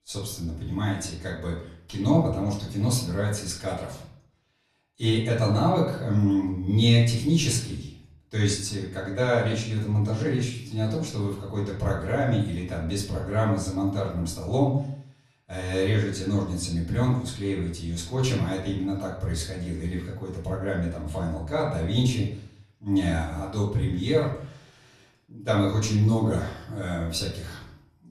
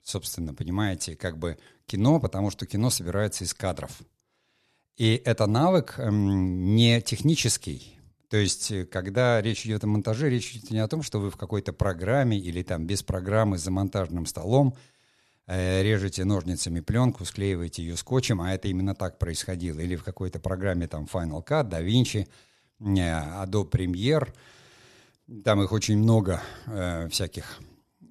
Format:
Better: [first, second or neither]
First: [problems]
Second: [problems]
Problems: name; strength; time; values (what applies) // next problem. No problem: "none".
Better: second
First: off-mic speech; far // room echo; slight; dies away in 0.5 s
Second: none